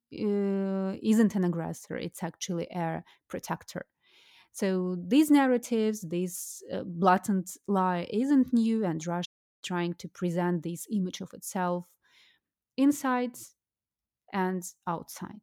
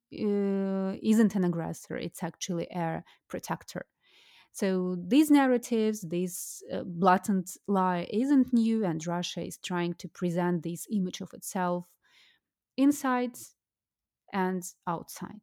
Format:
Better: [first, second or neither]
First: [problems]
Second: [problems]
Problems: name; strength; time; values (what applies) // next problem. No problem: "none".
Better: second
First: audio cutting out; at 9.5 s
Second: none